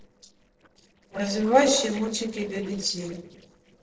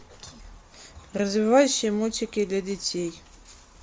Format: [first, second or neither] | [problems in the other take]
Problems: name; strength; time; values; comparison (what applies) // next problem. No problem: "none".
second | noise reduction (neural separator model SepFormer DNS4)